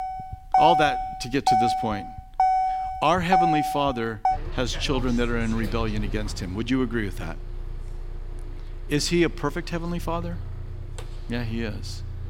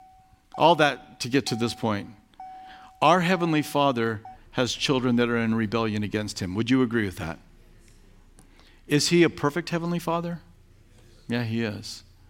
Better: second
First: traffic noise; loud; throughout; as loud as the speech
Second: traffic noise; faint; throughout; 25 dB below the speech

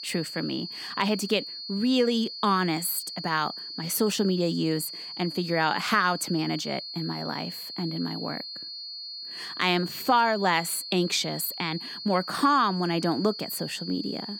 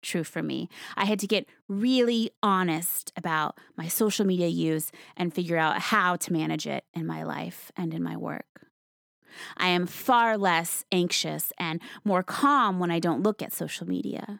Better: second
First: high-pitched whine; loud; throughout; 4.5 kHz, 9 dB below the speech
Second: none

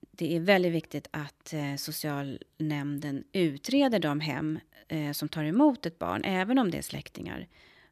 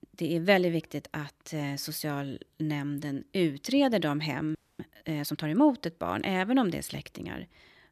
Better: first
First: none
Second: audio freezing; at 4.5 s

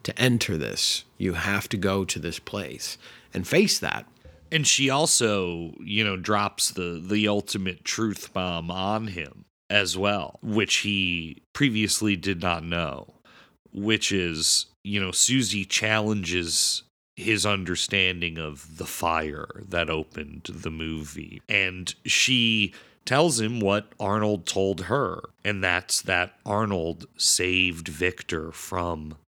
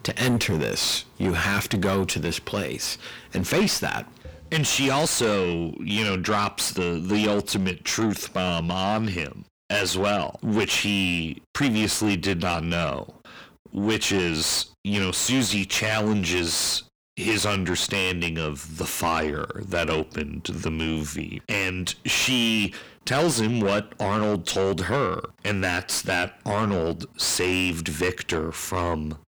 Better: first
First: none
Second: distortion; heavy; 5 dB below the speech

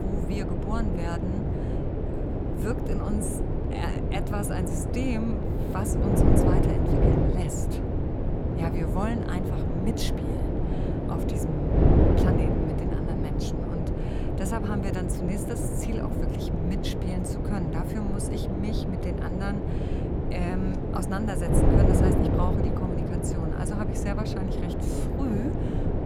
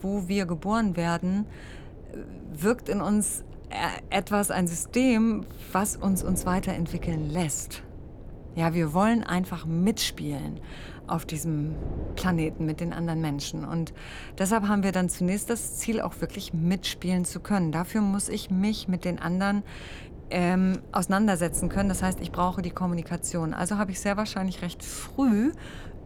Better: second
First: wind noise on the microphone; heavy; 4 dB above the speech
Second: wind noise on the microphone; occasional gusts; 20 dB below the speech

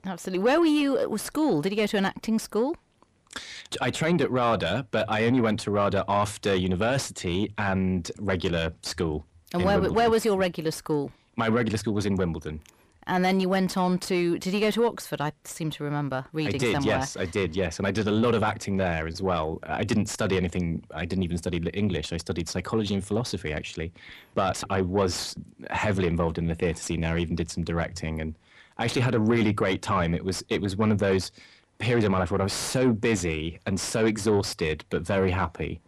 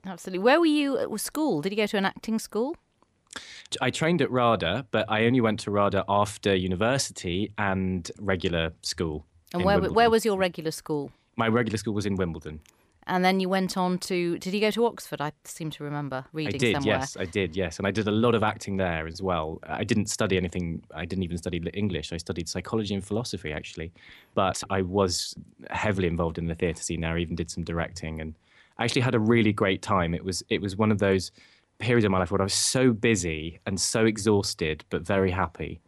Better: second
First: distortion; slight; 10 dB below the speech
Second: none

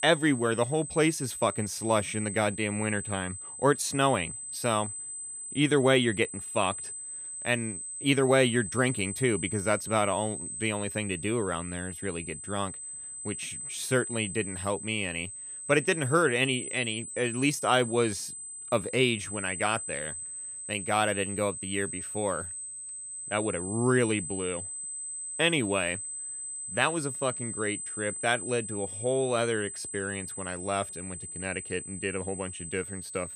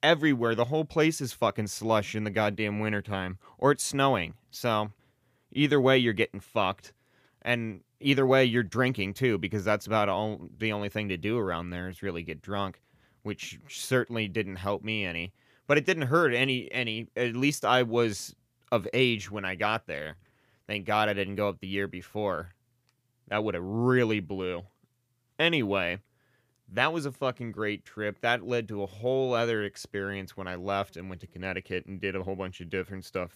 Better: second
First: high-pitched whine; loud; throughout; 8 kHz, 7 dB below the speech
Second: none

